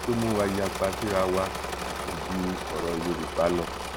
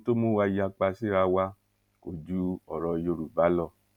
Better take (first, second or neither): second